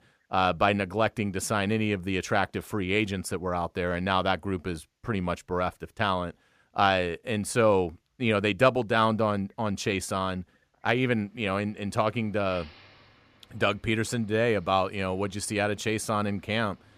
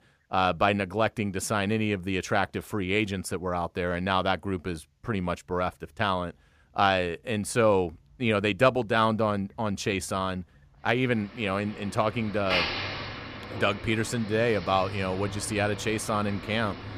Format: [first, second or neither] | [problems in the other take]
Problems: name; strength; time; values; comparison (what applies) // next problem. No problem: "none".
first | traffic noise; loud; throughout; 8 dB below the speech; faint in the first